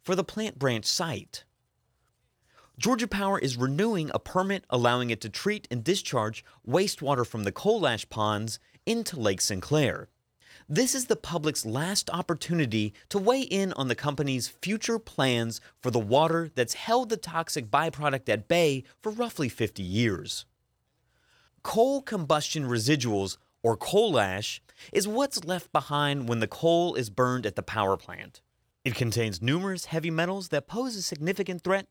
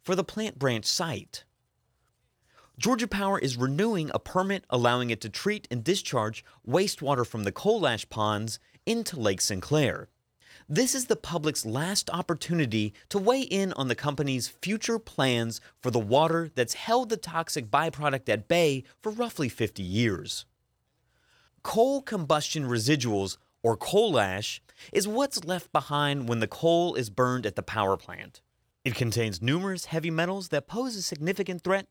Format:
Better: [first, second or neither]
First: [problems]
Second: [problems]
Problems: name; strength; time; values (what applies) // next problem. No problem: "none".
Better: neither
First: none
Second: none